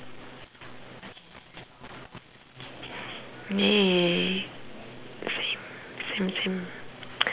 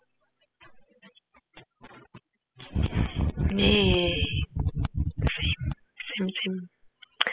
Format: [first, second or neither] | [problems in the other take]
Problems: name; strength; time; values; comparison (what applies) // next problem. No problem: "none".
first | noise reduction (classical method spectral subtraction)